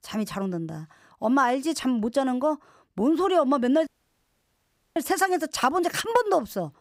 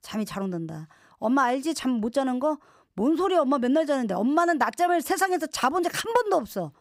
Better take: second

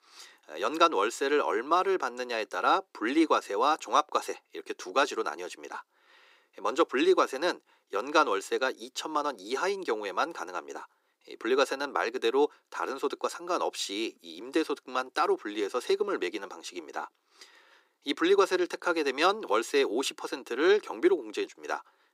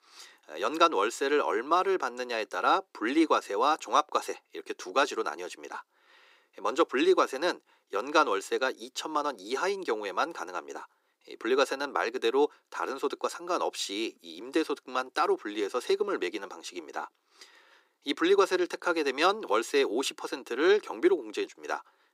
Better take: neither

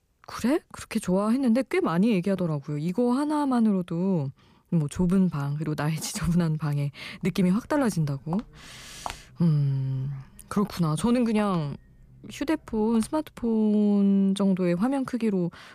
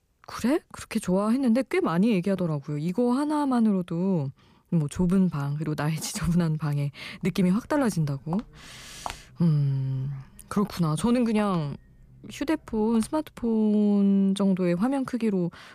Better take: neither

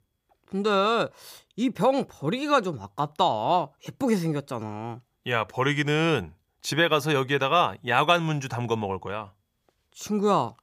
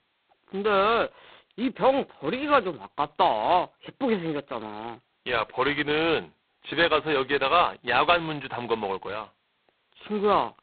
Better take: first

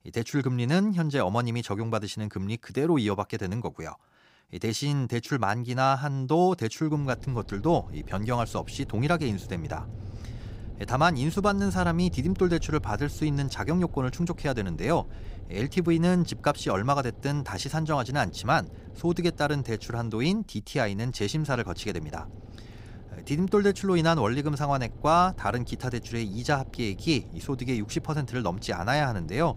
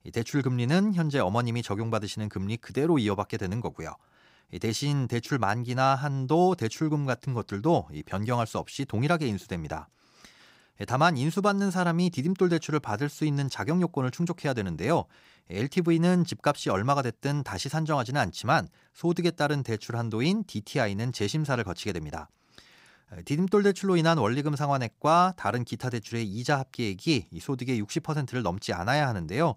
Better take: second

